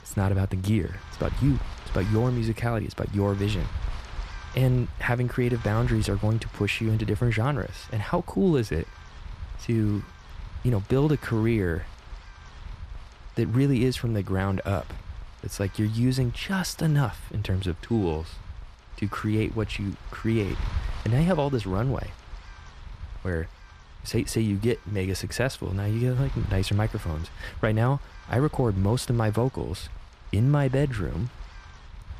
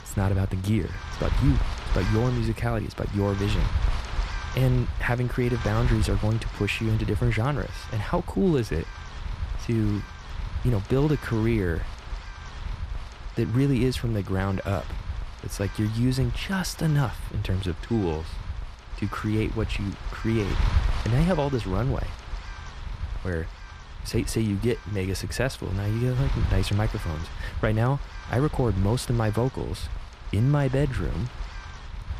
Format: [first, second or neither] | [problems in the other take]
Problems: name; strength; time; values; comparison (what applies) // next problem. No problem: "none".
first | wind noise on the microphone; heavy; 9 dB below the speech; occasional gusts in the first